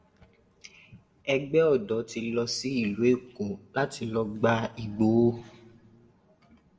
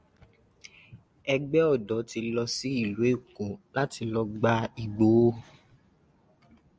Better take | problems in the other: second | room echo; dies away in 0.5 s

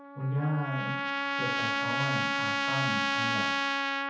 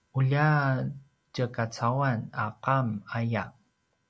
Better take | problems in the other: second | background sound (Trumpet); 5 dB above the speech // room echo; dies away in 0.8 s

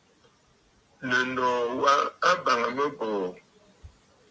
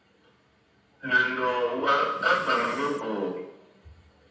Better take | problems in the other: first | background sound (Breathing); 17 dB below the speech // room echo; dies away in 0.8 s

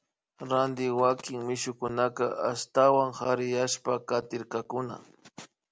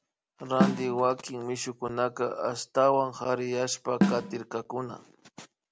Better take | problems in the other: first | background sound (Snare drum); 4 dB above the speech

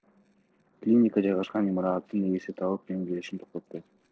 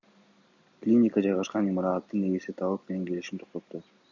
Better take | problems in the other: second | noise reduction (neural separator model SepFormer DNS4)

